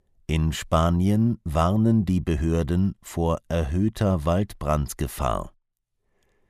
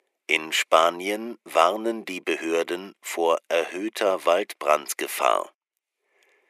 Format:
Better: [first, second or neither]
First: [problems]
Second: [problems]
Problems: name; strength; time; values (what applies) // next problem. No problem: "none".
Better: first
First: none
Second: thin; very; fading below 350 Hz